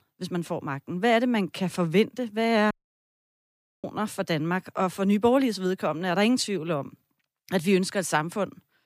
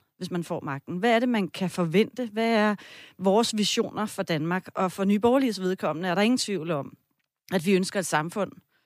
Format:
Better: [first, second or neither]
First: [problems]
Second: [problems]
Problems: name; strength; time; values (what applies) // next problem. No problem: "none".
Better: second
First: audio cutting out; at 2.5 s for 1 s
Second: none